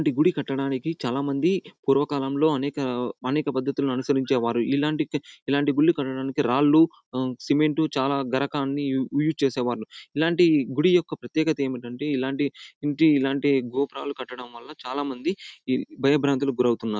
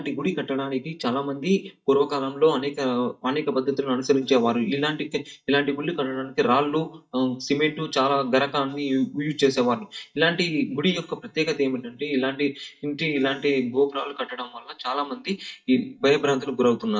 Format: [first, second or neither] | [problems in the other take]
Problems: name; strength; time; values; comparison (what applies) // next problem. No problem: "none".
first | noise reduction (neural mask model DeepFilterNet 3)